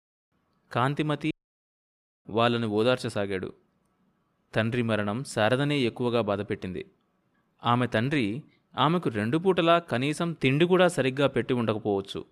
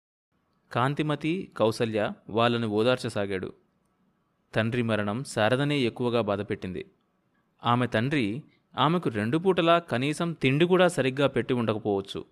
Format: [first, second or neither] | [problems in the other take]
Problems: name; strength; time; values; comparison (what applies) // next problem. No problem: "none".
second | audio cutting out; at 1.5 s for 1 s